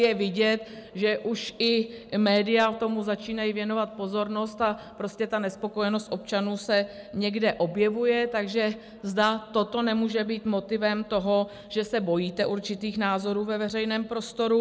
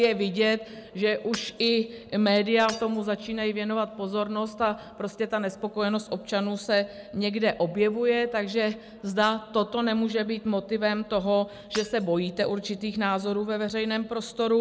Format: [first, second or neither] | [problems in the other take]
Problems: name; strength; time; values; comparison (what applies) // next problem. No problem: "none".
first | background sound (Shatter / Hammer); 17 dB below the speech